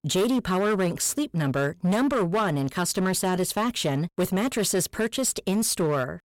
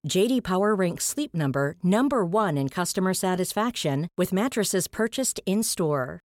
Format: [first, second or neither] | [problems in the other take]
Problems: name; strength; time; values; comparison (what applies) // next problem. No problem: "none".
second | distortion; slight; 14% of the sound clipped